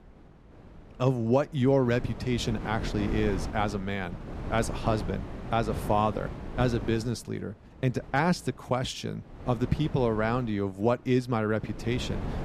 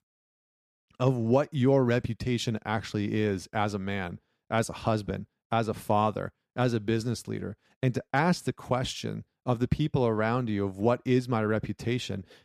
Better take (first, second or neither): second